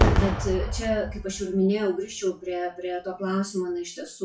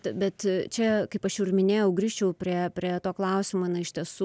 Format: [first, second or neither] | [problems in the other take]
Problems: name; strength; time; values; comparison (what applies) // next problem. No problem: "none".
second | noise reduction (classical method WPE with log-MMSE)